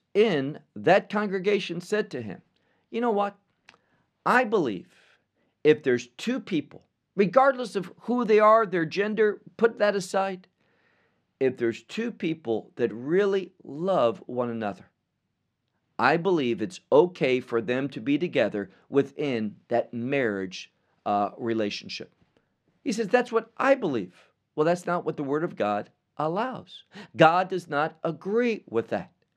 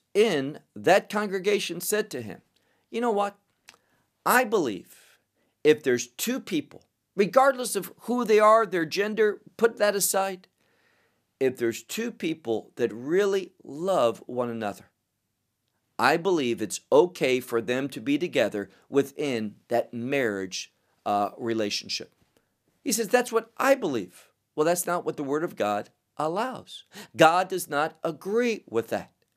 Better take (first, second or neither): second